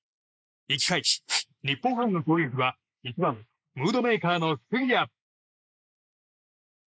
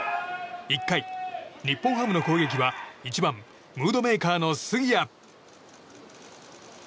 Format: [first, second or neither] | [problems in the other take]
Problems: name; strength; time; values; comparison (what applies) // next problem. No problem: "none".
second | noise reduction (neural mask model Resemble Enhance denoiser)